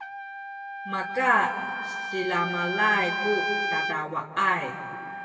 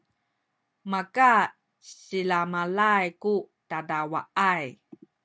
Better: second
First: background sound (Trumpet); 4 dB below the speech // room echo; dies away in 2.1 s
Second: none

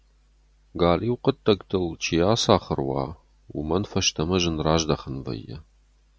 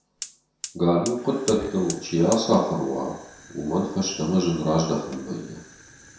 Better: first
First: none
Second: background sound (Fire); 16 dB below the speech // room echo; dies away in 0.7 s

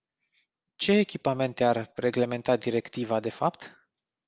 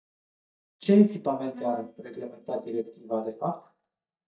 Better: first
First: none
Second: noise reduction (neural mask model DeepFilterNet 3)

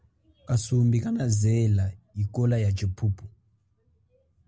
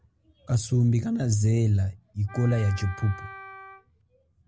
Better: first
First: none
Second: background sound (Wind instrument, woodwind instrument); 17 dB below the speech

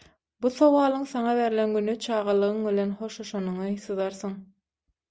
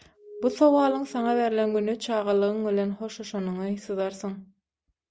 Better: first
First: none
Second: background sound (Alarm); 12 dB below the speech

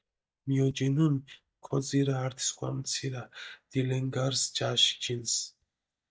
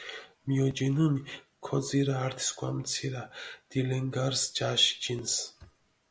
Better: second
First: noise reduction (neural mask model DeepFilterNet 3)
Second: none

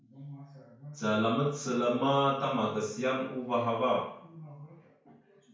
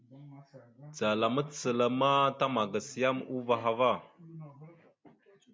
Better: second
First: room echo; dies away in 0.5 s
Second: none

